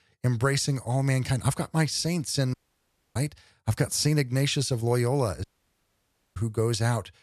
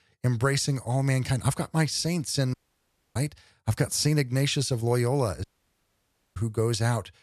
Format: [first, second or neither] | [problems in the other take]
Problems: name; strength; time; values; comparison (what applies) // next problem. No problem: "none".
neither | audio cutting out; at 2.5 s for 0.5 s and at 5.5 s for 1 s; the same in both